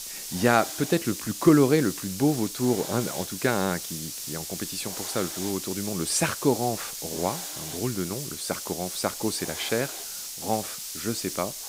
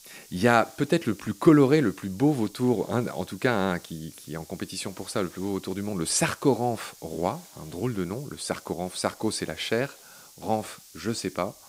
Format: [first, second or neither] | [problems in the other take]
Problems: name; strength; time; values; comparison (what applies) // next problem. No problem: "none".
second | hiss; loud; throughout; 6 dB below the speech; faint in the second